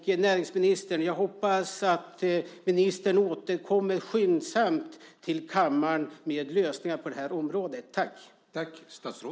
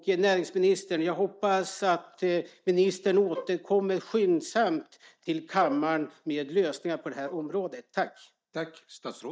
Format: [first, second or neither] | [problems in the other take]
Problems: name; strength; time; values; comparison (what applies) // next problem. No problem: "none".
first | noise reduction (neural mask model DeepFilterNet 3)